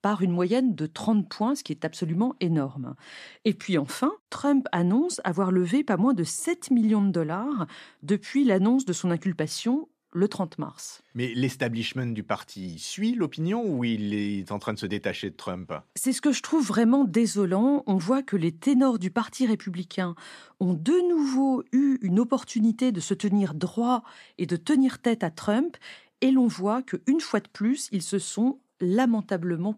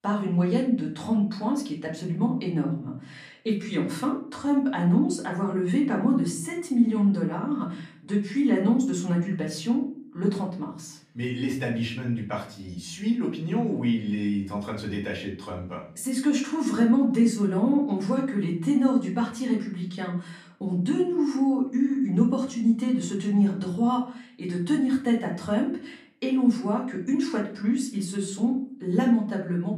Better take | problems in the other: first | room echo; slight; dies away in 0.5 s // off-mic speech; far

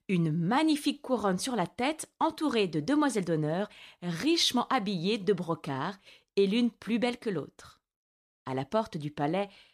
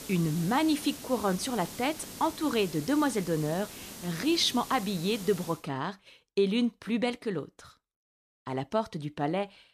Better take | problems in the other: first | hiss; noticeable; until 5.5 s; 10 dB below the speech

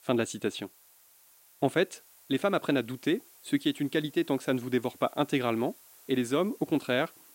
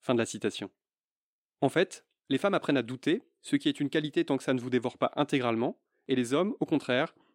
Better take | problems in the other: second | hiss; faint; throughout; 25 dB below the speech

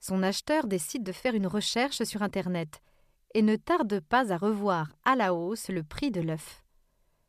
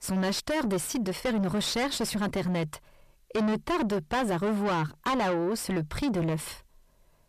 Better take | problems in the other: first | distortion; heavy; 5 dB below the speech

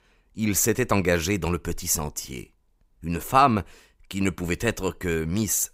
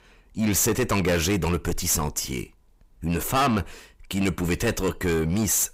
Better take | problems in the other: first | distortion; heavy; 6 dB below the speech

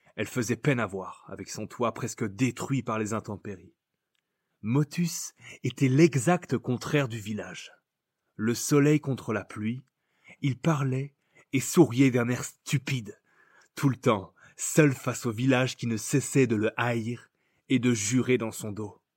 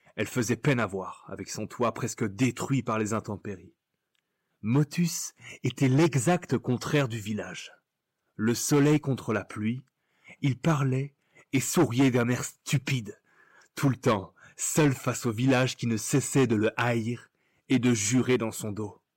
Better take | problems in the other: first | distortion; slight; 3% of the sound clipped

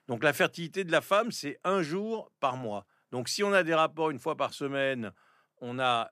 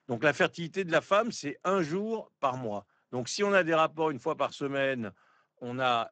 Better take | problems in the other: first | garbled, watery; badly; nothing above 7.5 kHz

